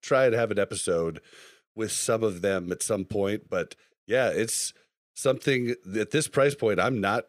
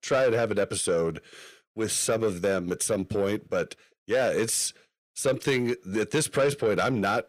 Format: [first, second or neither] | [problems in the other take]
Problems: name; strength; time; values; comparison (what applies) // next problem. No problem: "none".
first | distortion; slight; 10 dB below the speech